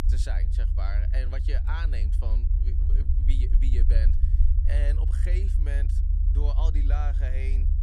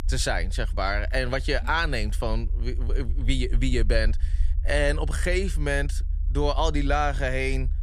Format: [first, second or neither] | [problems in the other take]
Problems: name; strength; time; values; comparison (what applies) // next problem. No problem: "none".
second | low rumble; loud; throughout; 5 dB below the speech; faint in the second